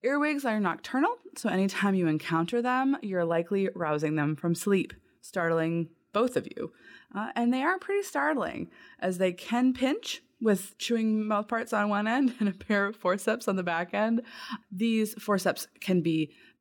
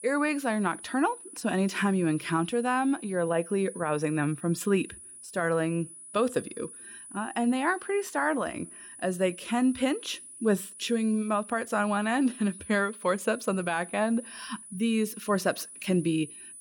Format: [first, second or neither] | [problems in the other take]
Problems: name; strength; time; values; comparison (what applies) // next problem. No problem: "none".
first | high-pitched whine; noticeable; throughout; 10 kHz, 15 dB below the speech